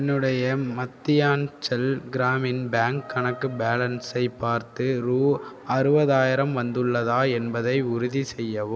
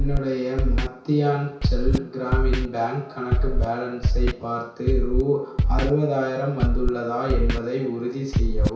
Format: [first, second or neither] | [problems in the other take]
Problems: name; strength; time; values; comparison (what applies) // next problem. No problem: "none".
first | background sound (Scratching (performance technique)); 2 dB above the speech // room echo; dies away in 0.6 s